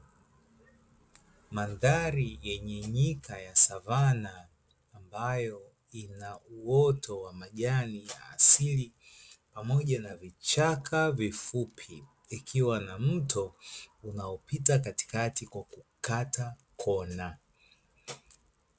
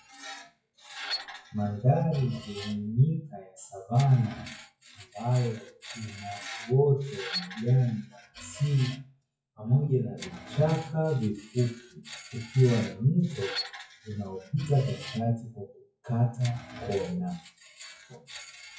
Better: first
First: none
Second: noise reduction (classical method WPE with log-MMSE)

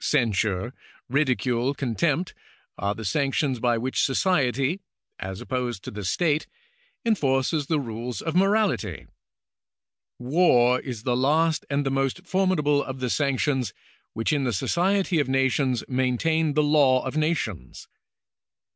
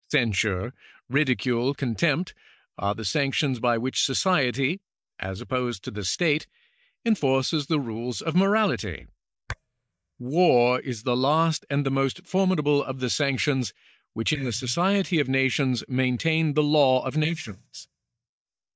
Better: first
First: none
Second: noise reduction (neural mask model DeepFilterNet 3)

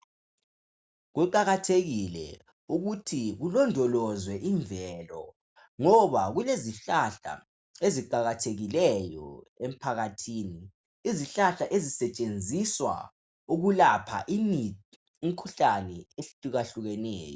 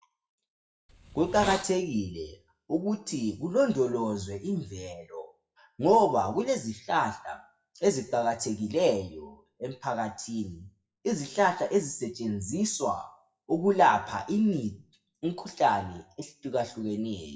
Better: first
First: none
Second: noise reduction (classical method WPE with log-MMSE)

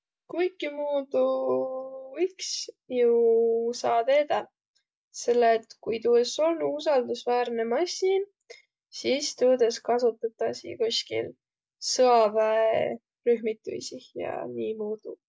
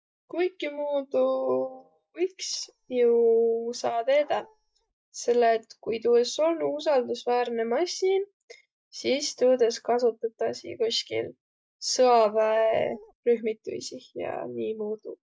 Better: first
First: none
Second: noise reduction (neural mask model DeepFilterNet 3)

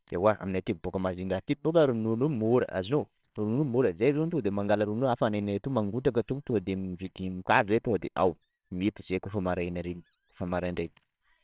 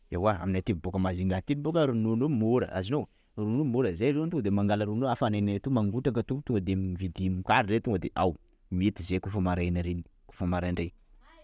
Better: second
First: noise reduction (neural separator model SepFormer WHAMR!)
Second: none

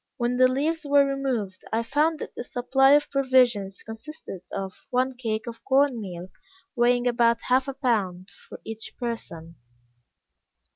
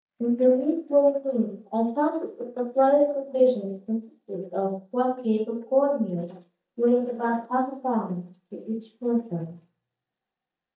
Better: first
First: none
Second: noise reduction (neural mask model DeepFilterNet 3)

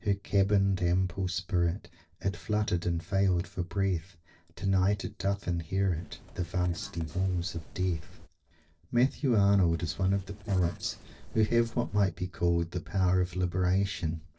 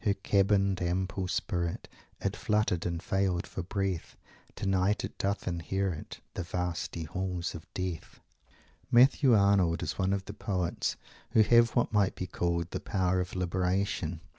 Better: second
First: noise reduction (neural separator model SepFormer DNS4)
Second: none

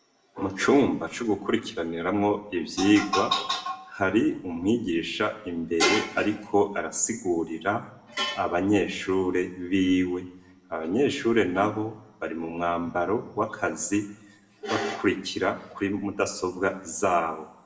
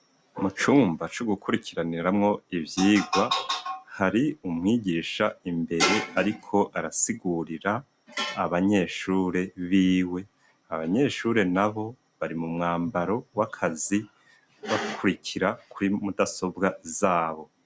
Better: second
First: room echo; dies away in 0.6 s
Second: none

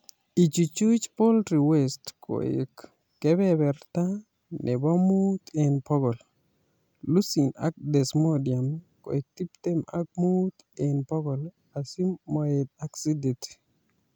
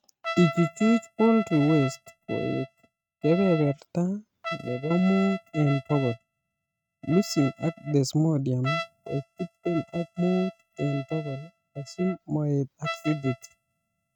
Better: first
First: none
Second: noise reduction (neural mask model RNNoise)

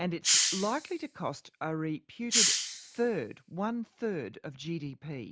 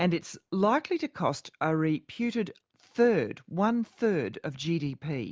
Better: second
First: background sound (Hiss); 3 dB above the speech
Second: none

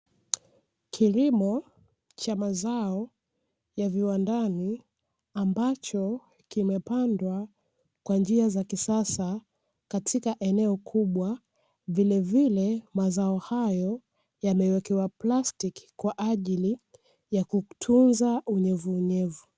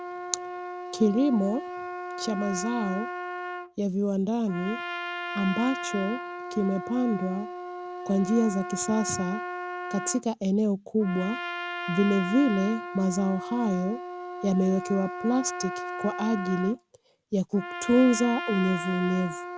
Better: first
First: none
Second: background sound (Trumpet); 8 dB below the speech

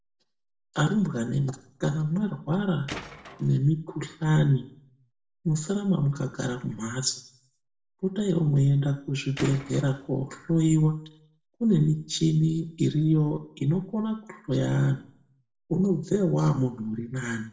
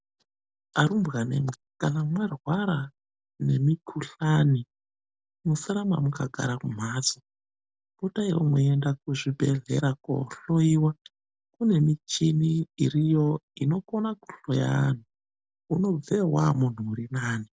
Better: second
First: background sound (Tools); 14 dB below the speech // room echo; dies away in 0.4 s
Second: none

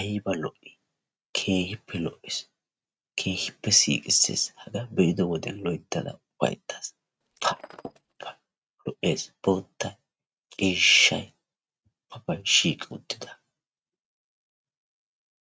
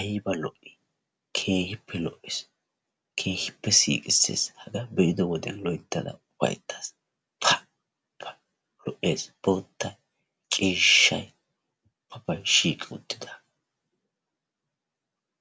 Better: second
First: noise reduction (neural mask model RNNoise)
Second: none

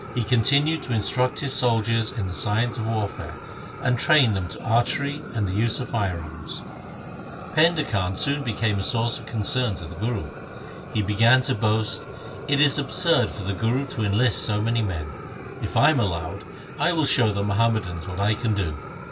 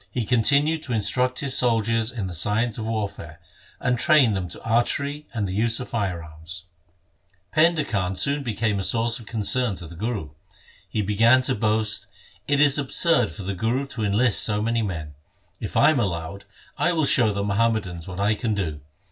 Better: second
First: background sound (Fire); 12 dB below the speech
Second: none

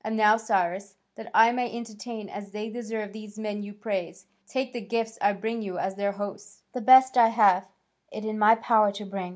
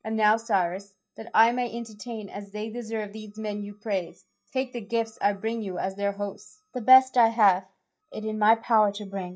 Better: first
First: none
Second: noise reduction (neural mask model DeepFilterNet 3)

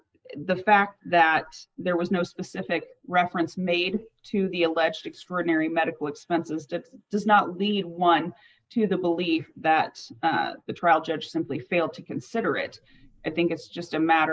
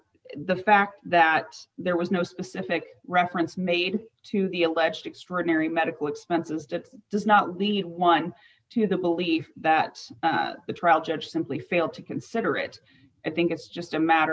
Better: second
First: noise reduction (neural mask model Resemble Enhance denoiser)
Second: none

